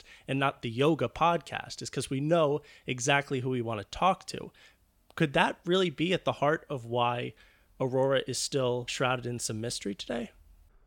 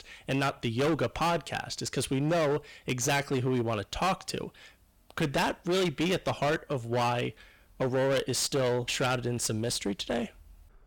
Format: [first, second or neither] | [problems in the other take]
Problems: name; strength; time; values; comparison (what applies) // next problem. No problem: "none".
first | distortion; heavy; 18% of the sound clipped